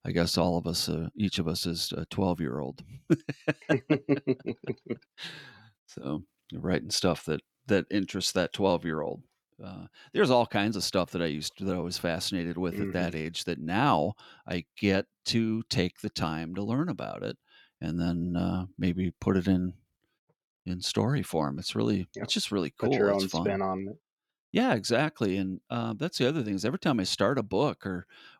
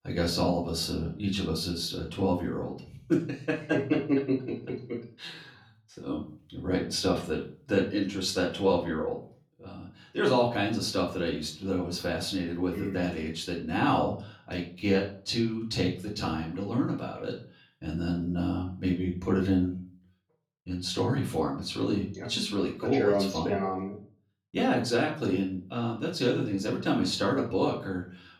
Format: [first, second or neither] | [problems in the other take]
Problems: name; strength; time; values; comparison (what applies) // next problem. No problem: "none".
first | off-mic speech; far // room echo; slight; dies away in 0.4 s